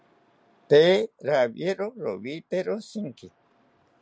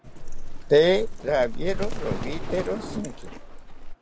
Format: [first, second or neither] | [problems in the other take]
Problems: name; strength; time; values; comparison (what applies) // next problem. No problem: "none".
first | background sound (Livestock, farm animals, working animals); 3 dB below the speech